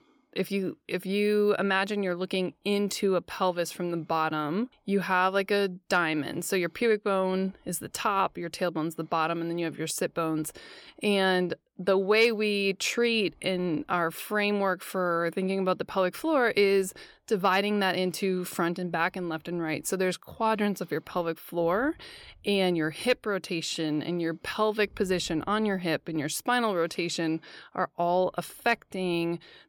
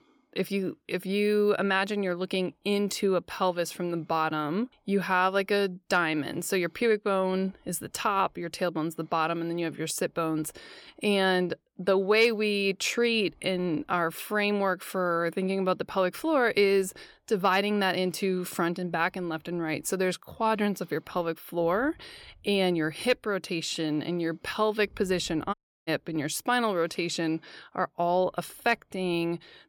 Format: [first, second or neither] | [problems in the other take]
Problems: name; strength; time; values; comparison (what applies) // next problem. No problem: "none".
first | audio cutting out; at 26 s